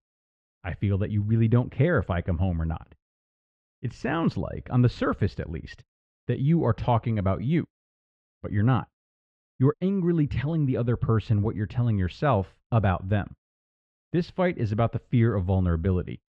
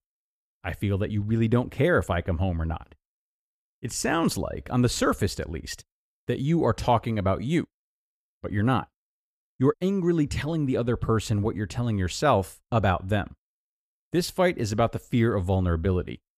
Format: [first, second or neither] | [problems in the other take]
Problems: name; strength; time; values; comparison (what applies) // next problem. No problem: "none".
second | muffled; slightly; fading above 3 kHz